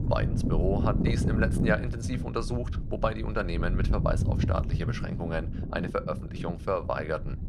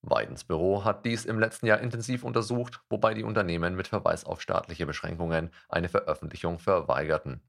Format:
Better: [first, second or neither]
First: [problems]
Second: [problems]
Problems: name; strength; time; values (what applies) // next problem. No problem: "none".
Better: second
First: wind noise on the microphone; heavy; 8 dB below the speech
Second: none